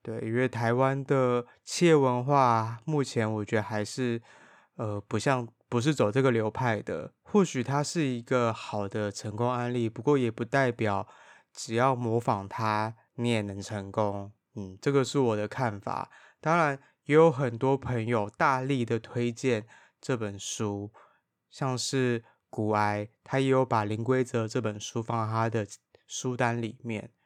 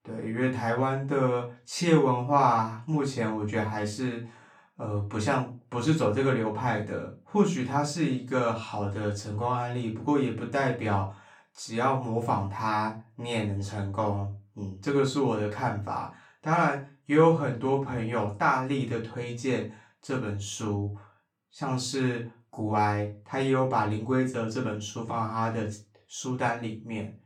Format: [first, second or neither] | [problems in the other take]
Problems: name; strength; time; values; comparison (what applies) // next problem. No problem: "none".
first | room echo; slight; dies away in 0.3 s // off-mic speech; far